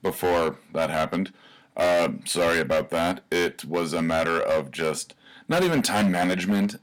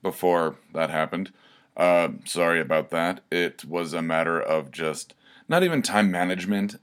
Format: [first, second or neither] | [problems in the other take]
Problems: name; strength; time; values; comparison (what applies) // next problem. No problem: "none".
second | distortion; heavy; 11% of the sound clipped